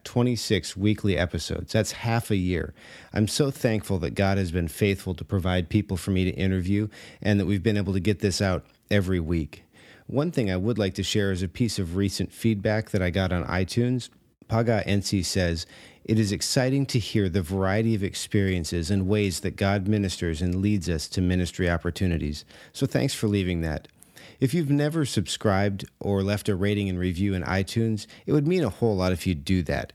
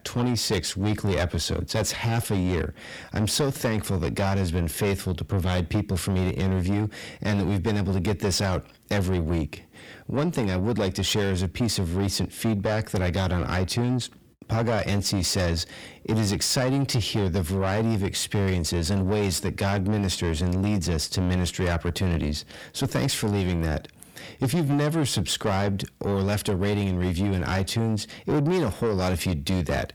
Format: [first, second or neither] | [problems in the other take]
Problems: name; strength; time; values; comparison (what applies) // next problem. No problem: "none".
first | distortion; heavy; 7 dB below the speech